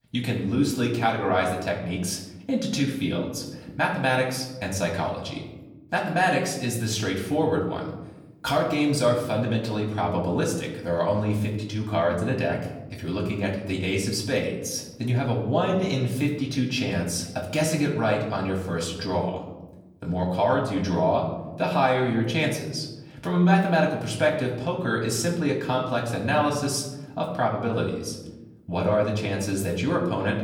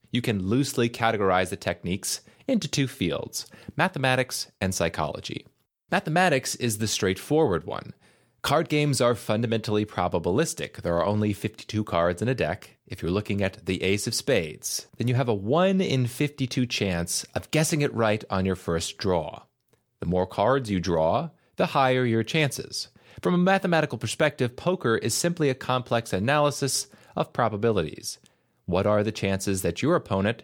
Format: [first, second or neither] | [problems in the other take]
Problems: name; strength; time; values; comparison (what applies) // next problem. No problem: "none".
second | off-mic speech; far // room echo; slight; dies away in 1 s